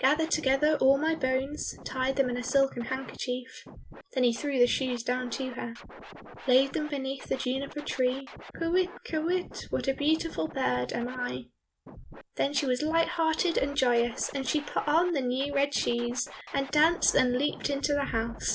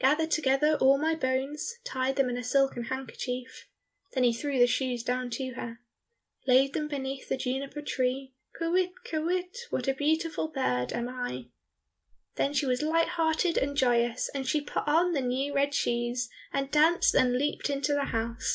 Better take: second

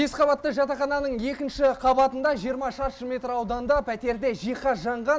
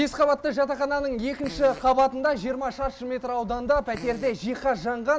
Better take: first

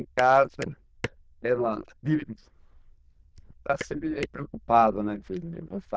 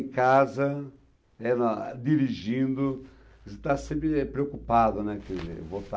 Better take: second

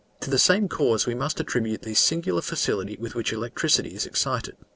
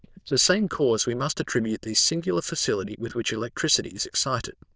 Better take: first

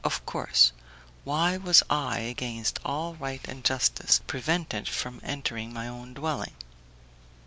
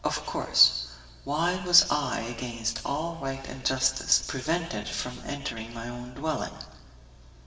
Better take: first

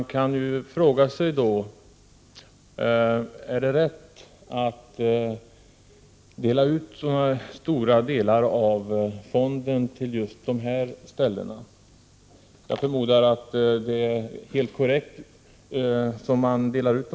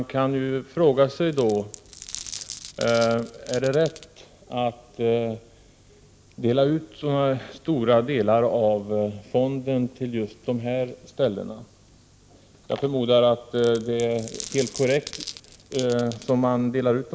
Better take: first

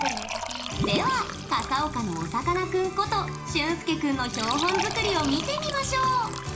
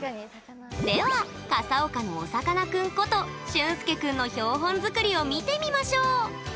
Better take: second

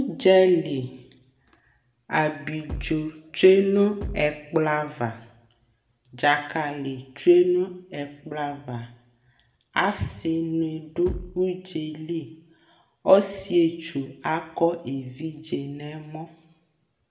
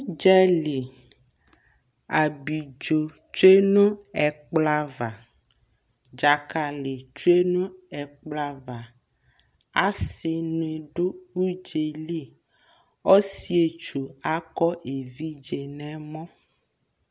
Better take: second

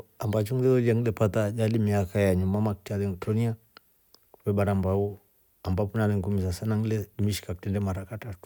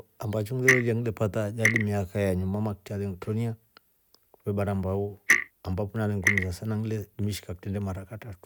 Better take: first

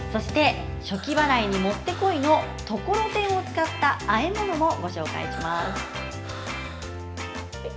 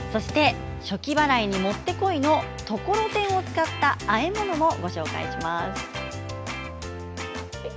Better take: second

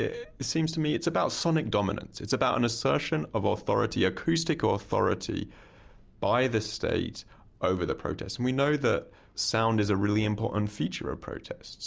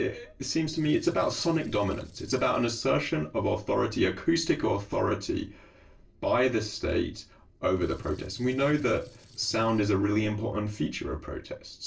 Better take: first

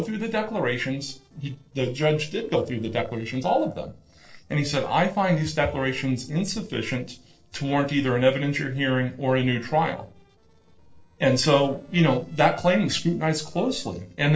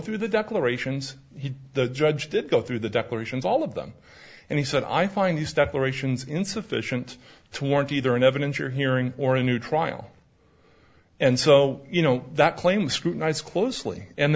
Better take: second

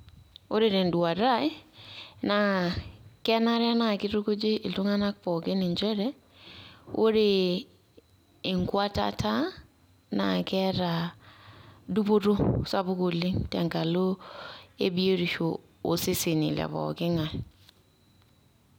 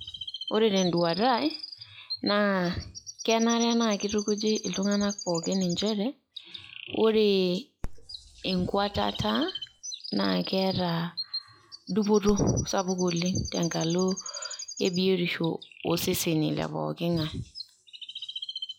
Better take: first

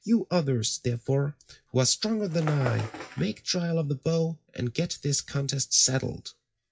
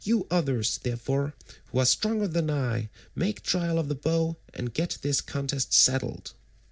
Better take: second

